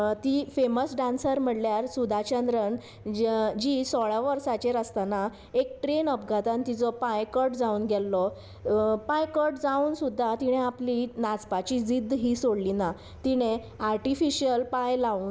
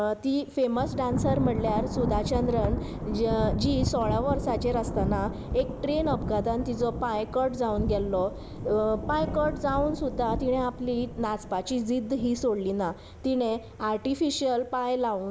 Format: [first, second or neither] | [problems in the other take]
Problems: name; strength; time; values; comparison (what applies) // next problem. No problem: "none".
first | background sound (Thunder / Rain); 5 dB below the speech